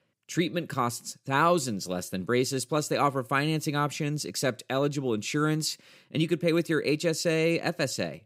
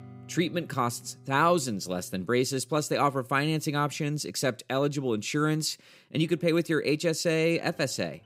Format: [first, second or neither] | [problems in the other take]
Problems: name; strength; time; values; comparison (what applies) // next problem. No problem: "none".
first | background music; faint; throughout; 25 dB below the speech